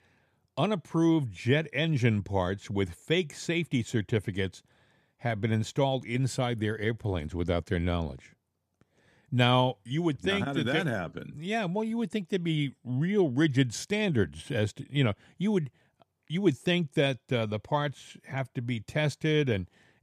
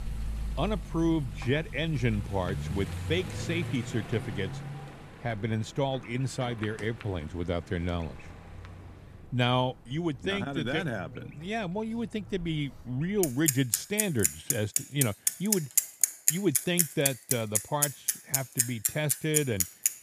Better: first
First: none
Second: traffic noise; very loud; throughout; 1 dB above the speech

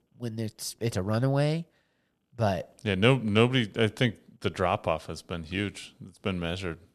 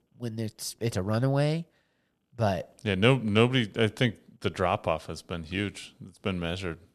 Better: neither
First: none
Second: none

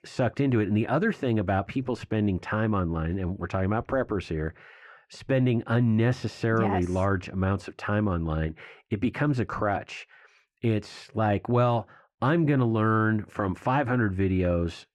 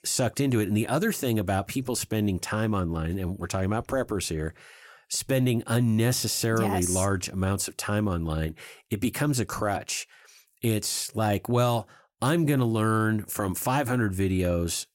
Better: second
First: muffled; very; fading above 2 kHz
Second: none

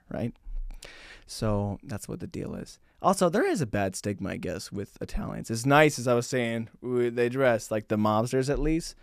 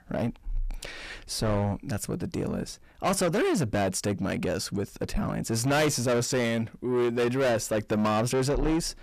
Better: first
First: none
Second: distortion; heavy; 6 dB below the speech

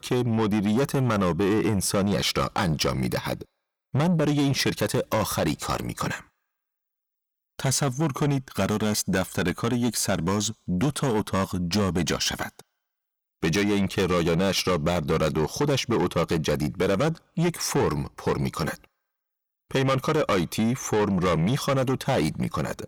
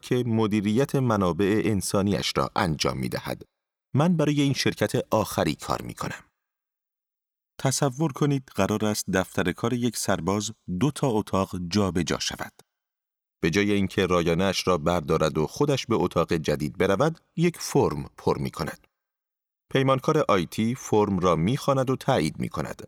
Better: second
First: distortion; heavy; 8 dB below the speech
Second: none

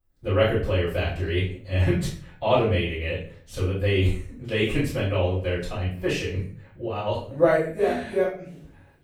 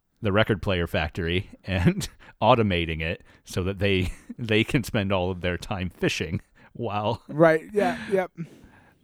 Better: second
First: off-mic speech; far // room echo; noticeable; dies away in 0.4 s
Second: none

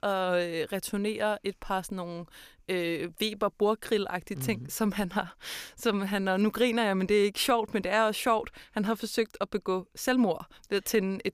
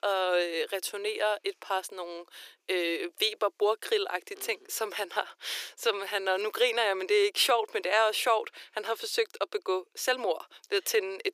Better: first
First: none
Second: thin; very; fading below 350 Hz

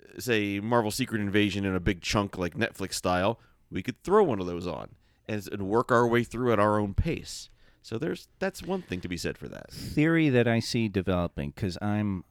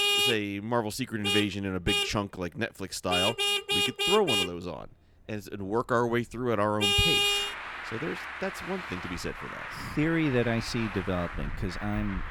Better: first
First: none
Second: traffic noise; very loud; throughout; 2 dB above the speech

